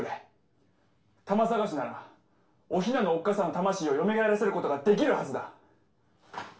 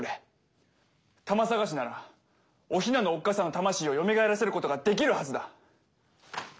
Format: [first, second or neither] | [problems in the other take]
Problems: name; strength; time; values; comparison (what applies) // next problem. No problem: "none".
second | room echo; dies away in 0.3 s